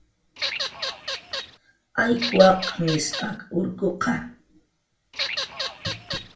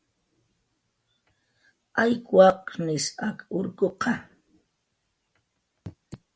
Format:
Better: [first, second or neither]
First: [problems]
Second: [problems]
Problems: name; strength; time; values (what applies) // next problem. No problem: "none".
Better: second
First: background sound (Bird vocalization, bird call, bird song / Fowl); 5 dB below the speech // room echo; dies away in 0.3 s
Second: none